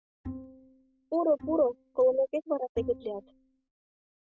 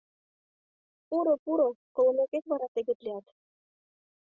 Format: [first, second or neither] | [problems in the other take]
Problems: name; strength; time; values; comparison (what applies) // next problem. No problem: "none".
second | noise reduction (neural mask model RNNoise)